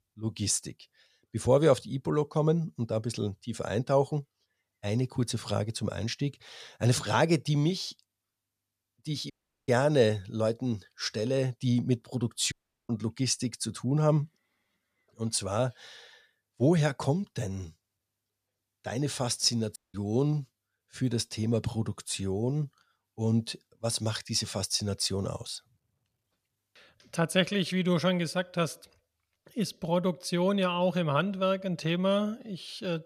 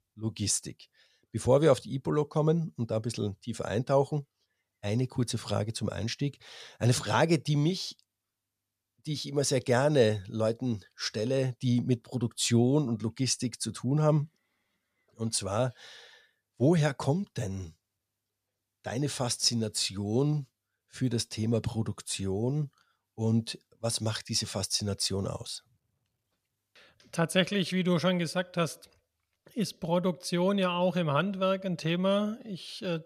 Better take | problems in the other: second | audio cutting out; at 9.5 s, at 13 s and at 20 s

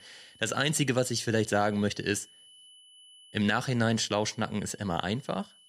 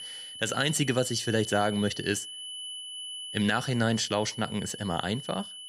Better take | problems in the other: first | high-pitched whine; loud; throughout; 3 kHz, 10 dB below the speech; faint in the first

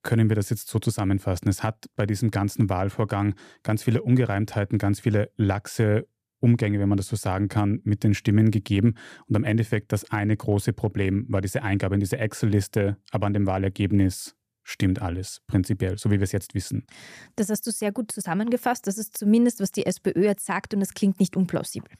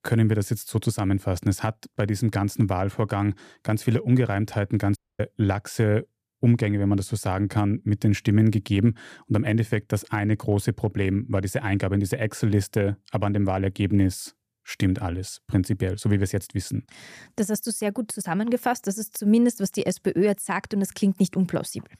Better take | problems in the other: first | audio cutting out; at 5 s

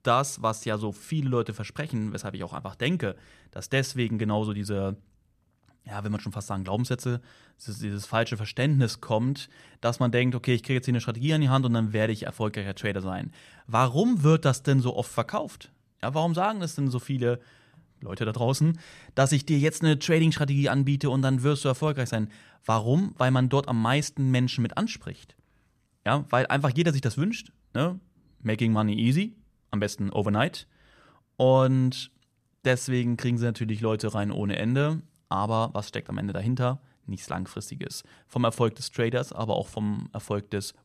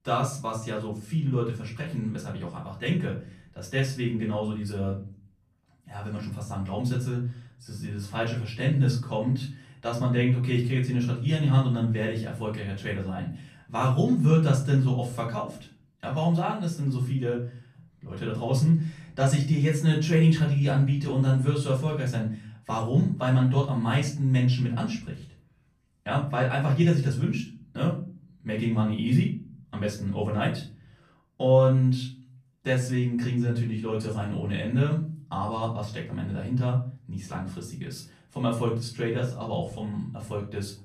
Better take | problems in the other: first | off-mic speech; far // room echo; slight; dies away in 0.5 s

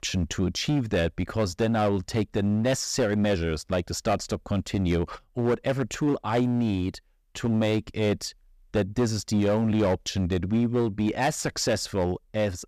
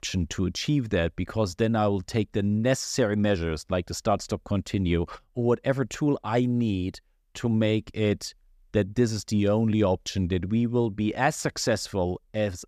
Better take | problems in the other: second | distortion; slight; 9% of the sound clipped

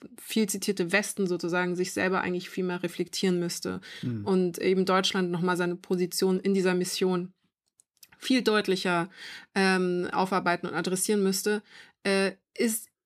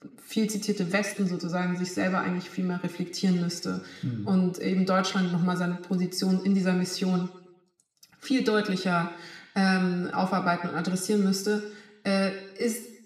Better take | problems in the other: first | room echo; slight; dies away in 0.9 s // off-mic speech; somewhat distant

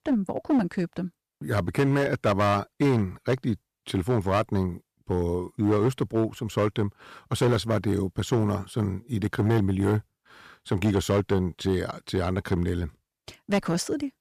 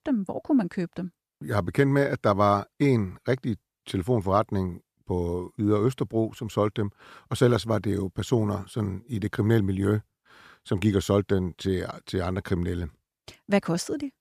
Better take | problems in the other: second | distortion; slight; 6% of the sound clipped

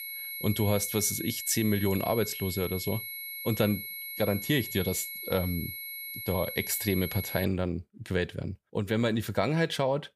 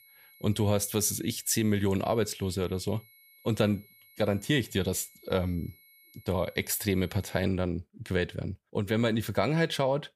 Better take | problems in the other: second | high-pitched whine; loud; until 7.5 s; 2 kHz, 6 dB below the speech; faint in the second

